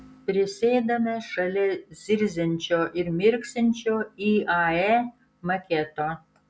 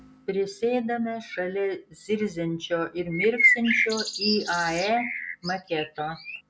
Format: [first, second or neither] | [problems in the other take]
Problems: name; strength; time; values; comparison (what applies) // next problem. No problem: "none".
first | background sound (Bird); 1 dB above the speech